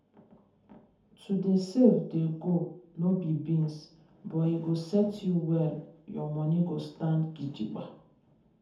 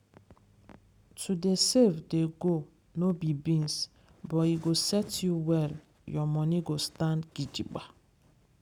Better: second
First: room echo; dies away in 0.6 s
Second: none

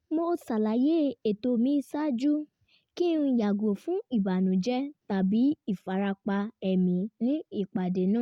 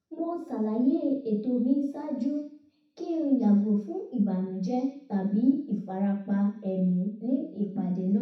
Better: first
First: none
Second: room echo; dies away in 0.7 s

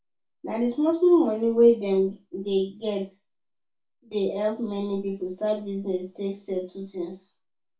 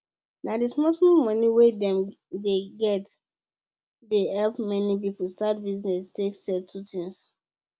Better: second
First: room echo; dies away in 0.2 s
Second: none

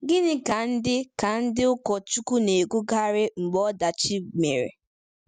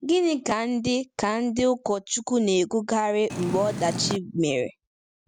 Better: first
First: none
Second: background sound (Purr); 6 dB below the speech

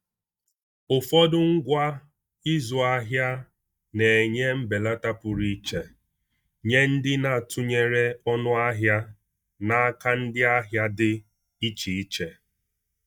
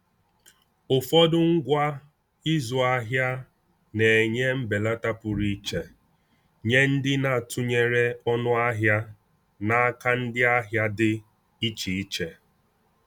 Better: second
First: noise reduction (neural mask model DeepFilterNet 3)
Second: none

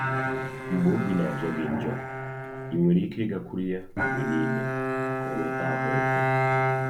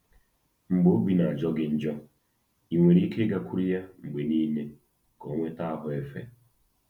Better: second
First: background sound (Bowed string instrument); 1 dB above the speech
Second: none

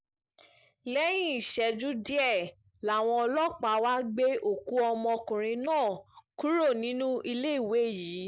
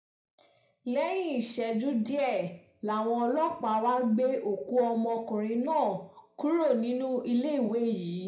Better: first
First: none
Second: room echo; dies away in 0.4 s

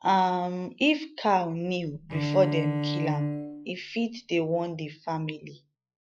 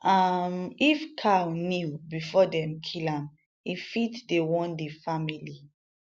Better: second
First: noise reduction (classical method log-MMSE)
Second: none

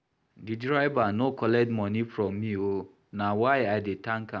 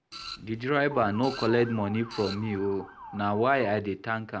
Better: first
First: none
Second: background sound (Printer + Motor vehicle (road) / Siren); 14 dB below the speech

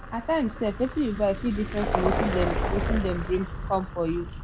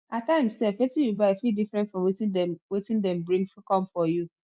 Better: second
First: background sound (Vehicle); 2 dB below the speech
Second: none

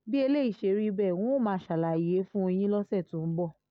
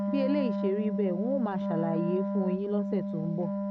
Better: first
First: none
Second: background sound (Wind instrument, woodwind instrument); 1 dB below the speech

